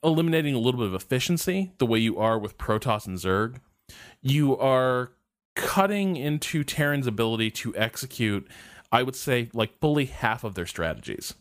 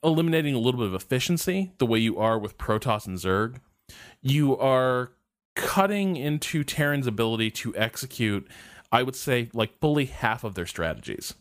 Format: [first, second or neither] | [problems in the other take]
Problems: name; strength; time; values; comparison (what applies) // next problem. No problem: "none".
neither | none